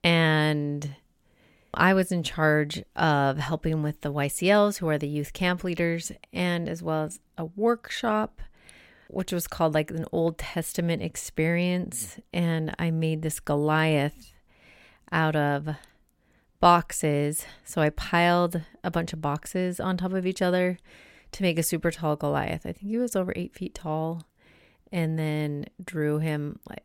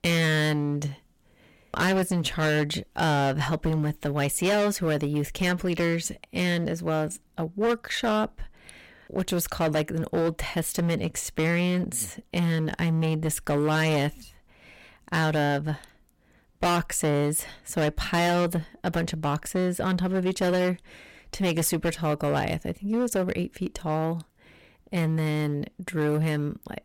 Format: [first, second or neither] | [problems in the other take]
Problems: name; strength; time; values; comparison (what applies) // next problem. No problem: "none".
first | distortion; heavy; 12% of the sound clipped